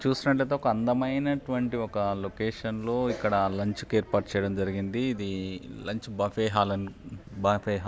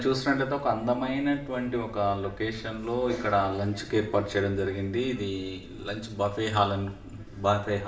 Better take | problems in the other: first | room echo; dies away in 0.6 s

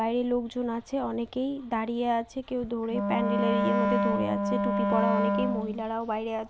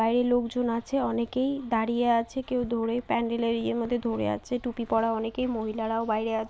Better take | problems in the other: second | background sound (Wind instrument, woodwind instrument); 3 dB above the speech

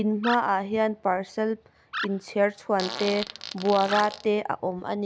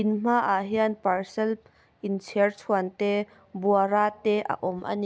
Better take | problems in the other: second | background sound (Animal + Fart); 10 dB below the speech

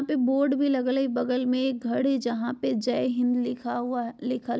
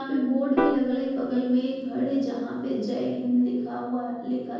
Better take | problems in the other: first | background sound (Piano); 7 dB below the speech // room echo; dies away in 1.3 s

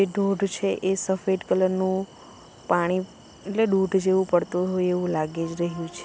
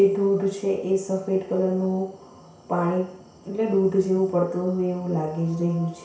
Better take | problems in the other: first | room echo; dies away in 0.6 s

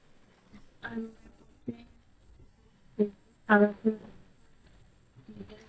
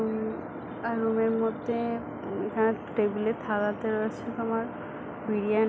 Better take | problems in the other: second | noise reduction (neural mask model DeepFilterNet 3)

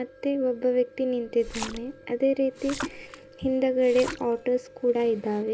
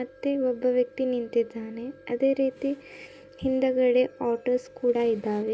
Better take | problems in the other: second | background sound (Splash, splatter); 13 dB below the speech

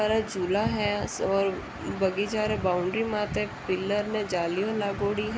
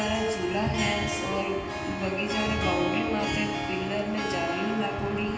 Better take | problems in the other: first | background sound (Harp); 4 dB below the speech // room echo; dies away in 1.2 s

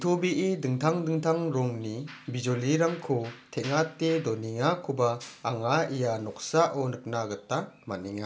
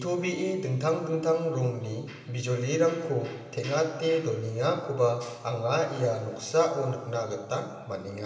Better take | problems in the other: first | room echo; dies away in 2.1 s

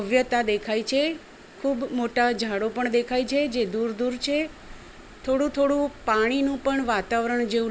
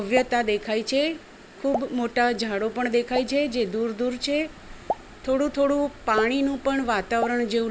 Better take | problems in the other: first | background sound (Explosion); 13 dB below the speech

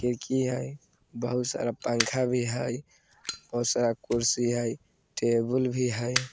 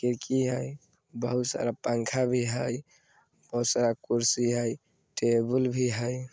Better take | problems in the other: second | background sound (Fire); 12 dB below the speech

